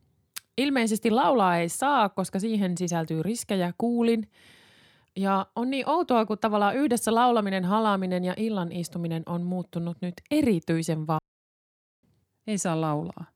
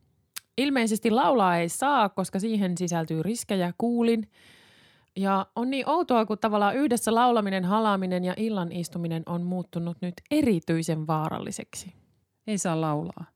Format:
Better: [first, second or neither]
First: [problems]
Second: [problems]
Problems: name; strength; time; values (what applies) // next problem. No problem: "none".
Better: second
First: audio cutting out; at 11 s for 1 s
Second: none